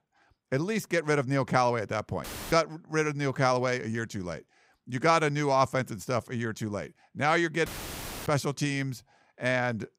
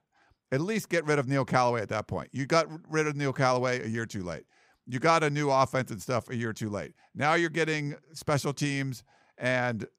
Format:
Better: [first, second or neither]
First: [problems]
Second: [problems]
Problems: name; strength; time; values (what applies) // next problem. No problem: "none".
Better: second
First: audio cutting out; filled with static; at 2 s and at 7.5 s for 0.5 s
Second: none